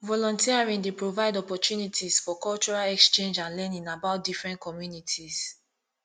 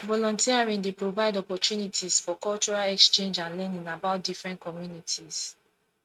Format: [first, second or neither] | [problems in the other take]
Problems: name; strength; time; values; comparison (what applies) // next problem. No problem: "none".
first | noise reduction (neural mask model RNNoise)